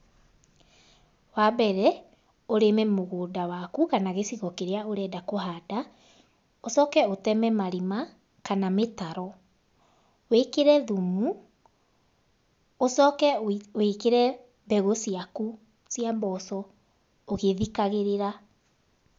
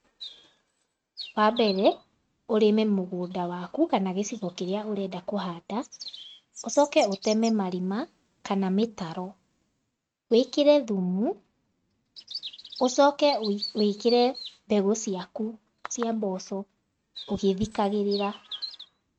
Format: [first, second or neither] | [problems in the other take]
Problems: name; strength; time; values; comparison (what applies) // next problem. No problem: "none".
first | noise reduction (neural mask model RNNoise)